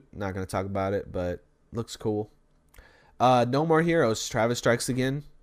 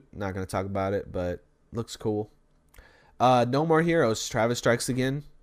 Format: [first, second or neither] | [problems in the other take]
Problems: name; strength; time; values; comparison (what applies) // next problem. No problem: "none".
neither | none